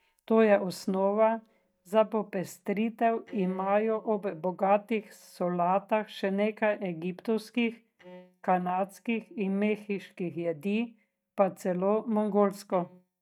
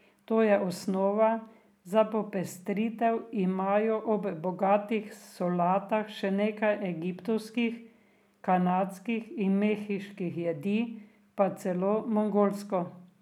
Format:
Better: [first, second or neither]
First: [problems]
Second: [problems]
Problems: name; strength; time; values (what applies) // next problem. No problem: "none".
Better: second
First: noise reduction (neural mask model DeepFilterNet 3)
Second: none